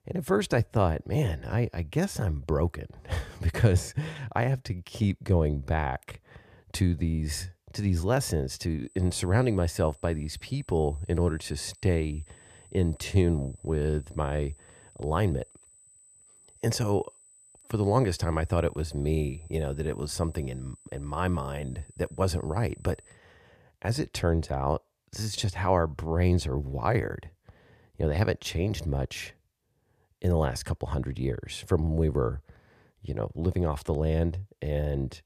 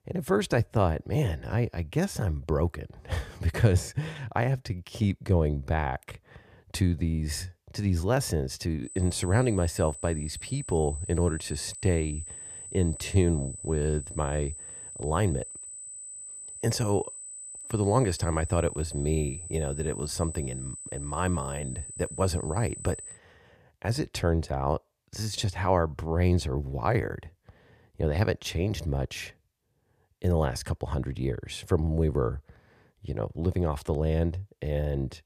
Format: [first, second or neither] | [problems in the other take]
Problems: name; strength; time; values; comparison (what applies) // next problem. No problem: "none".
first | high-pitched whine; loud; from 9 to 23 s; 8 kHz, 10 dB below the speech; faint in the first